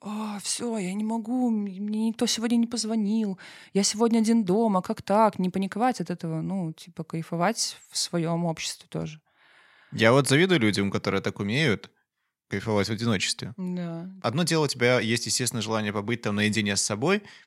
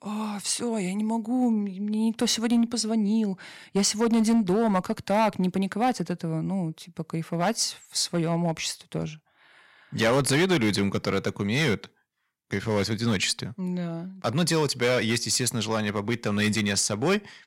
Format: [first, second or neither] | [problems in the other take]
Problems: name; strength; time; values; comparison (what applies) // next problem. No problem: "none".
first | distortion; slight; 4% of the sound clipped